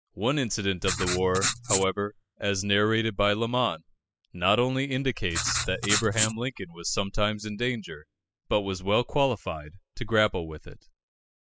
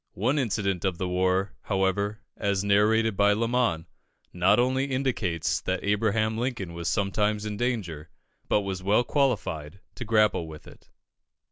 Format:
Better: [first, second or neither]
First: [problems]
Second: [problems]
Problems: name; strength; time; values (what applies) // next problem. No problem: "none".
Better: second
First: noise reduction (classical method spectral subtraction)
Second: none